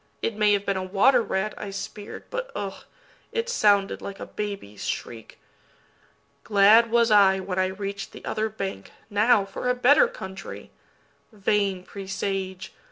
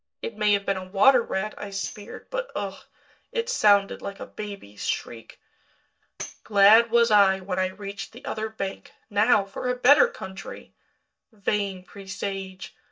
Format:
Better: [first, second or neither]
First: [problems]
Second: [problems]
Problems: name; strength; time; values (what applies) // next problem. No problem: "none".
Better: first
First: none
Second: noise reduction (neural mask model DeepFilterNet 3)